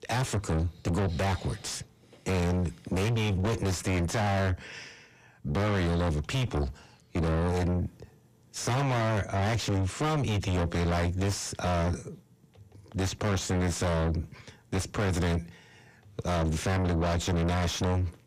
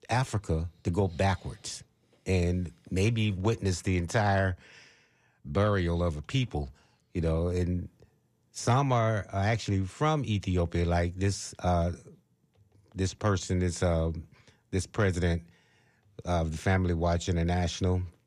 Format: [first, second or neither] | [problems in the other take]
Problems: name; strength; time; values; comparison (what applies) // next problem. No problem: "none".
second | distortion; heavy; 5 dB below the speech